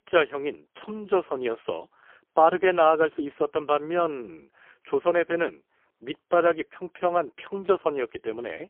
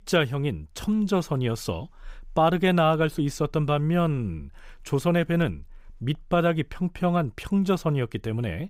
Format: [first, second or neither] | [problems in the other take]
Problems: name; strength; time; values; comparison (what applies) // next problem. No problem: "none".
second | phone-call audio; poor line; nothing above 3.5 kHz